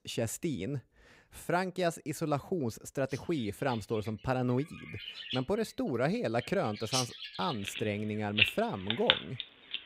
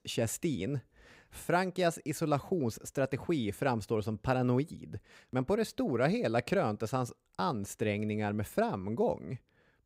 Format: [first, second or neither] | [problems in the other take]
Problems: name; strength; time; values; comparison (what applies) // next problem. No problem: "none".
second | animal sounds; very loud; from 3.5 s on; 1 dB above the speech